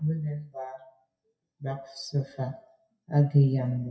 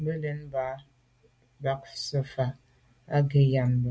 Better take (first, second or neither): second